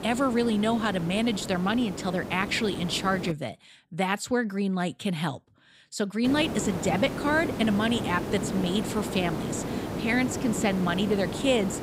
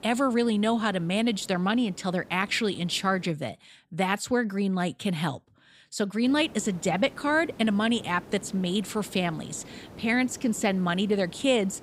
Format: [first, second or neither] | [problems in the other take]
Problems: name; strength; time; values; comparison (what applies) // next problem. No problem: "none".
second | hiss; loud; until 3.5 s and from 6 s on; 6 dB below the speech; faint in the second